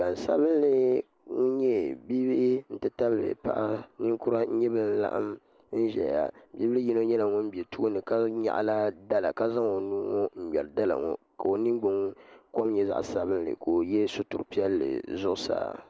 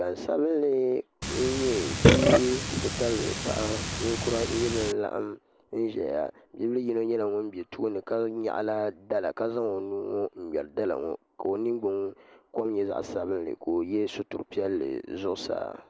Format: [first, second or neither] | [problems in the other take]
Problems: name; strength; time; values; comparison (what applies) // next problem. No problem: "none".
first | background sound (Burping, eructation); 3 dB above the speech